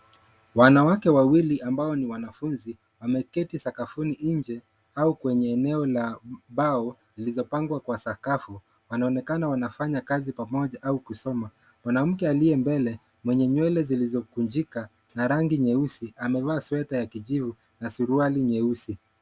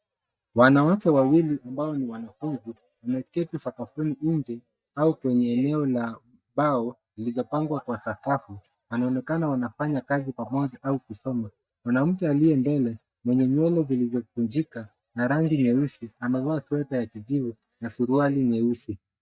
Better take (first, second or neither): first